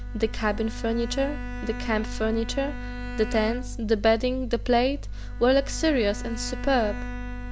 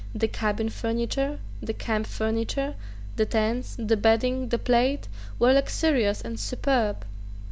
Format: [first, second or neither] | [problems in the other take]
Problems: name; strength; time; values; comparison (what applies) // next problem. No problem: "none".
second | background sound (Bowed string instrument); 14 dB below the speech